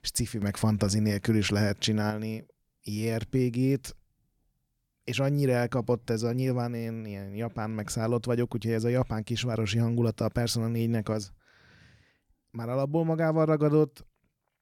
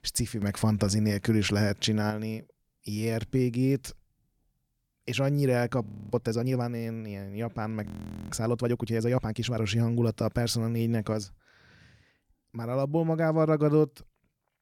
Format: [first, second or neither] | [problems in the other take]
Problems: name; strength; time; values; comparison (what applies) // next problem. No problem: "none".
first | audio freezing; at 6 s and at 8 s